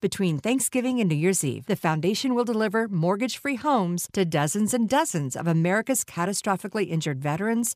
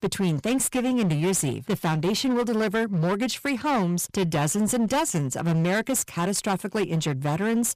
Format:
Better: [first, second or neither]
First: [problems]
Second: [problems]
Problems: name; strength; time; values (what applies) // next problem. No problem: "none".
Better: first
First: none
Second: distortion; slight; 20% of the sound clipped